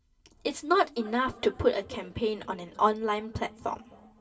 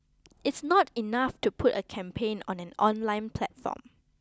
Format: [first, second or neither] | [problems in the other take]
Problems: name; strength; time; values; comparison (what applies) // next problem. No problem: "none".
second | room echo; dies away in 2.5 s